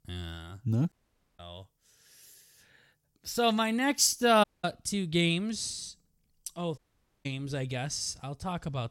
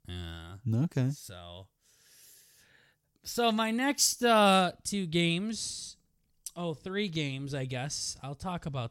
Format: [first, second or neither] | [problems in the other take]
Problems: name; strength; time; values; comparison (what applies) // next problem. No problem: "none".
second | audio cutting out; at 1 s, at 4.5 s and at 7 s